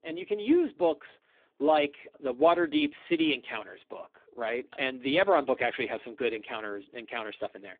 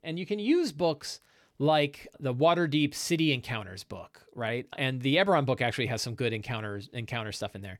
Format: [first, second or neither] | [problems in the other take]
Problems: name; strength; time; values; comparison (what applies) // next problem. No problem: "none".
second | phone-call audio; poor line; nothing above 3.5 kHz